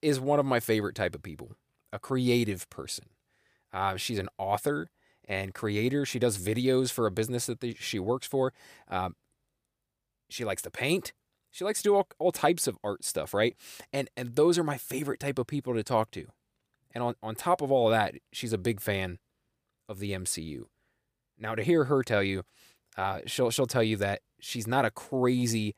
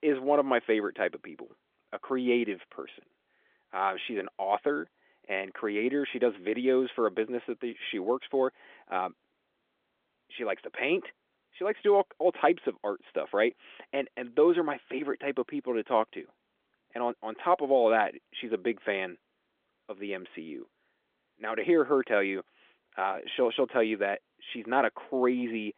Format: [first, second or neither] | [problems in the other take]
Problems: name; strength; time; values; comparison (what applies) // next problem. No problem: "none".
first | phone-call audio; nothing above 3.5 kHz